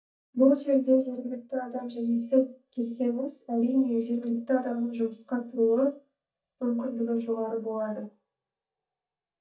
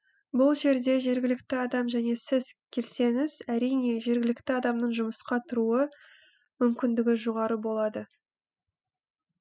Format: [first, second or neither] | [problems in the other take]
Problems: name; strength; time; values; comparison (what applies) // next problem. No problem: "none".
second | noise reduction (neural mask model DeepFilterNet 3)